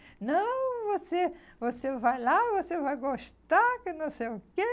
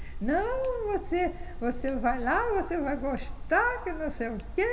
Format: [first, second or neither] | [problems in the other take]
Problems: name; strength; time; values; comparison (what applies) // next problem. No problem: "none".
first | background sound (Tick); 7 dB below the speech // room echo; dies away in 2 s